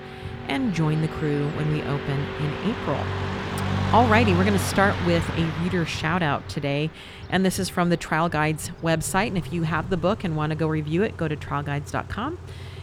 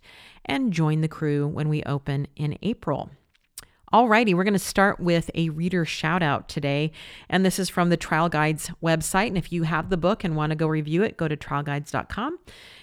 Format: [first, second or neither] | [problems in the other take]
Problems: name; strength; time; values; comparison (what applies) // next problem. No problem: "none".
second | traffic noise; loud; throughout; 7 dB below the speech